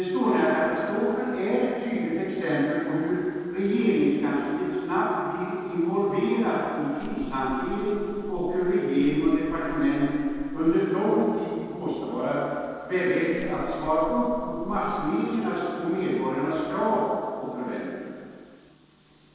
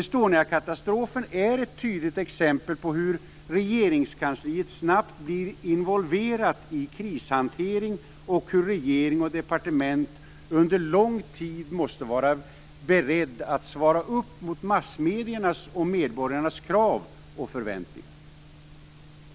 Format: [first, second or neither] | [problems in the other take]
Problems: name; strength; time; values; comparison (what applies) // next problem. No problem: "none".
second | noise reduction (neural separator model SepFormer DNS4)